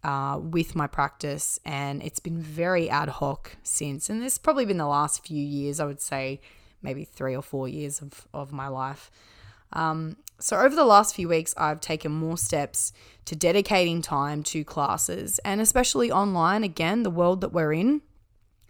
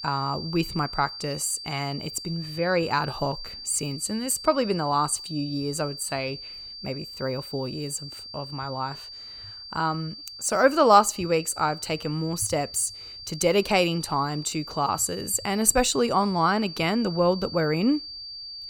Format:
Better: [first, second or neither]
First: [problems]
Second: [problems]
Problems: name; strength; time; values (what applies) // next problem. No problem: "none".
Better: first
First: none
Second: high-pitched whine; noticeable; throughout; 4.5 kHz, 10 dB below the speech